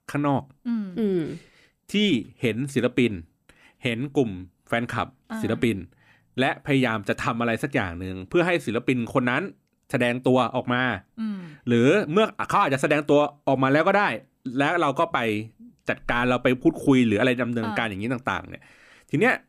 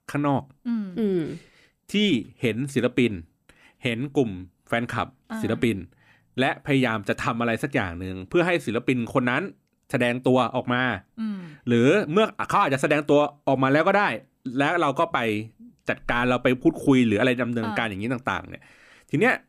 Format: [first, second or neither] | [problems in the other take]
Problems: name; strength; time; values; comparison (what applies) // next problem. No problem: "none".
neither | none